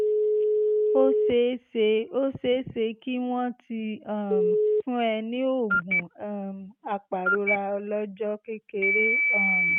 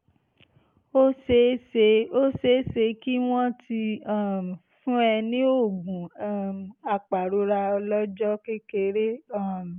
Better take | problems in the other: second | noise reduction (neural mask model RNNoise)

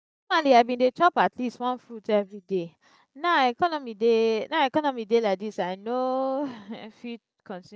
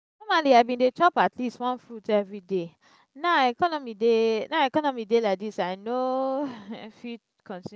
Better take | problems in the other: second | noise reduction (neural mask model DeepFilterNet 3)

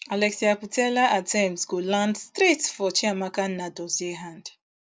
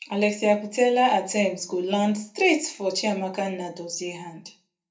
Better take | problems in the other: first | room echo; dies away in 0.3 s

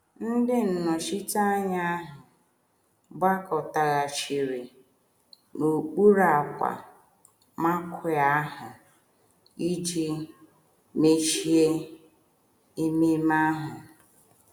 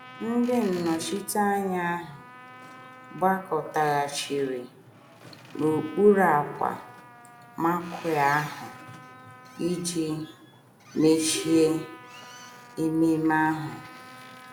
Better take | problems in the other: first | background sound (Boat, Water vehicle + Trumpet); 18 dB below the speech

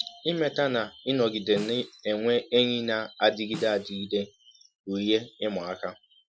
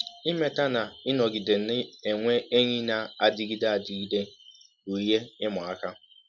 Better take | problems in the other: second | noise reduction (classical method Wiener filter)

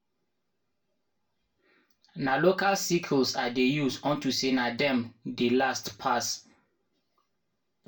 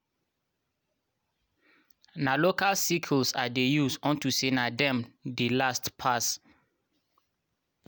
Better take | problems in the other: second | room echo; dies away in 0.2 s

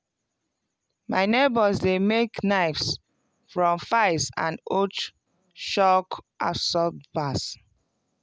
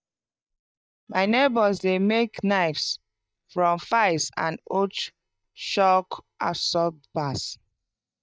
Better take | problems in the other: first | noise reduction (neural mask model DeepFilterNet 3)

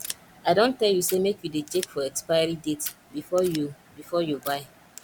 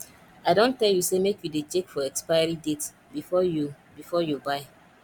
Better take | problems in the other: second | background sound (Scissors); 16 dB below the speech

